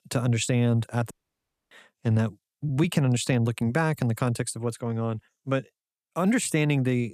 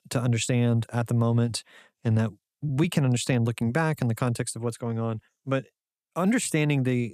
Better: second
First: audio cutting out; at 1 s for 0.5 s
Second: none

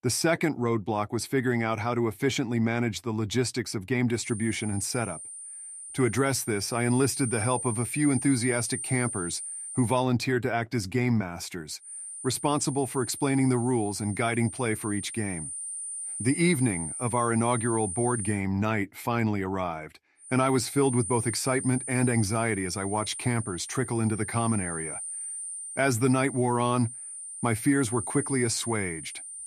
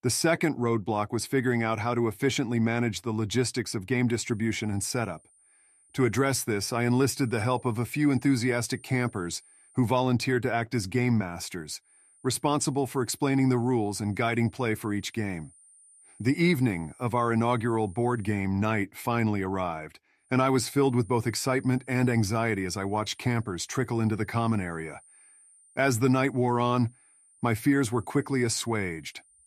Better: second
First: high-pitched whine; loud; from 4 to 10 s, from 12 to 18 s and from 20 s on; 9 kHz, 7 dB below the speech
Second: high-pitched whine; faint; from 4 to 10 s, from 12 to 18 s and from 20 s on; 9 kHz, 30 dB below the speech

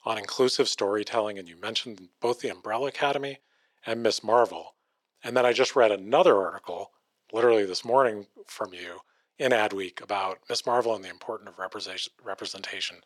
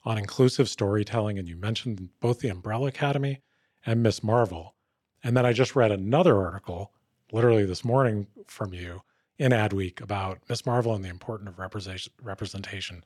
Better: second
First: thin; very; fading below 450 Hz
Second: none

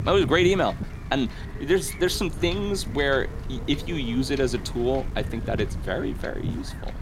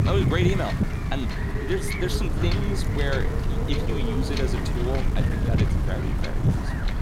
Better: first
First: wind noise on the microphone; occasional gusts; 15 dB below the speech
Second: wind noise on the microphone; heavy; 1 dB below the speech

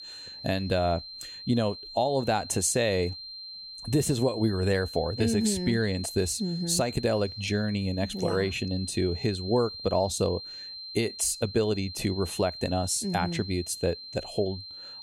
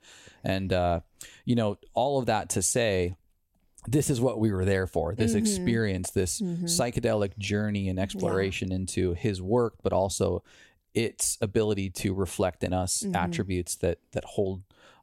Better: second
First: high-pitched whine; noticeable; throughout; 4 kHz, 10 dB below the speech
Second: none

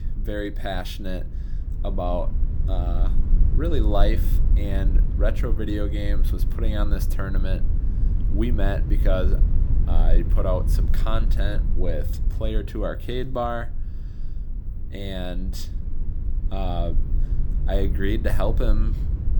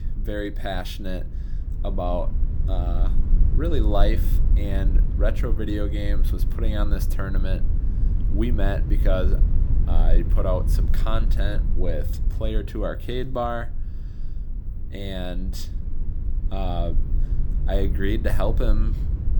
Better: neither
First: low rumble; noticeable; throughout; 10 dB below the speech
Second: low rumble; noticeable; throughout; 10 dB below the speech

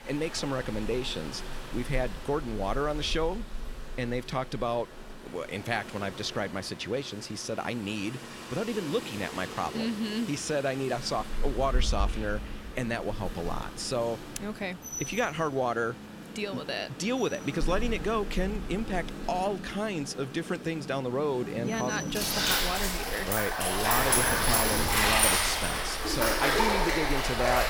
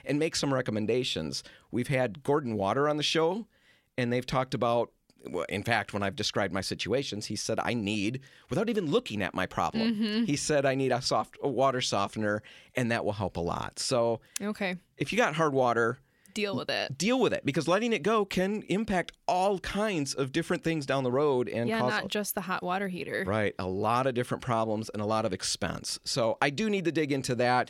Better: second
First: rain or running water; very loud; throughout; 2 dB above the speech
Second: none

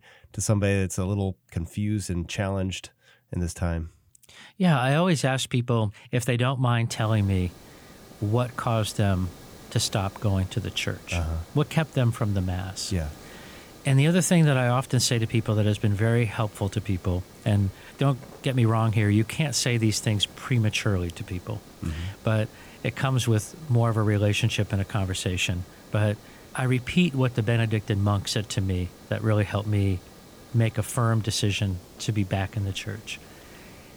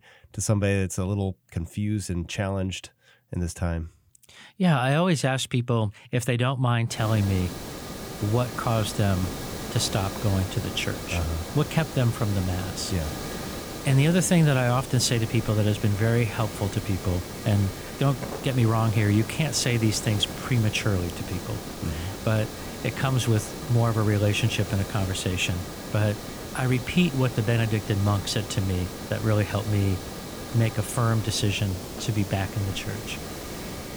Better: first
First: hiss; faint; from 7 s on; 20 dB below the speech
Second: hiss; loud; from 7 s on; 9 dB below the speech

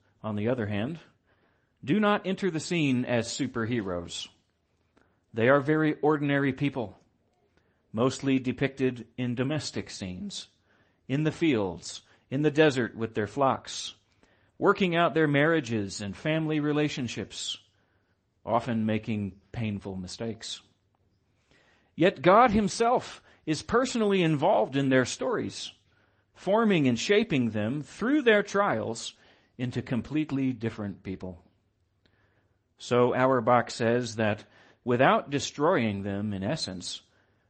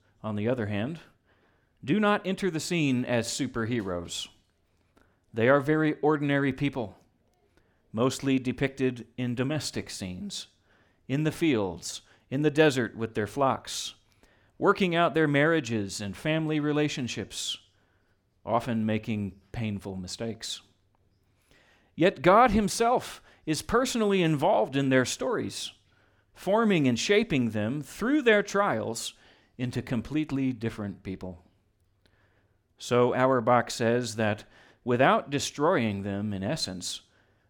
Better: second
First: garbled, watery; slightly; nothing above 8 kHz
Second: none

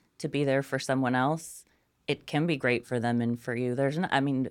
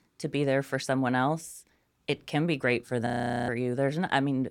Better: first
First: none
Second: audio freezing; at 3 s

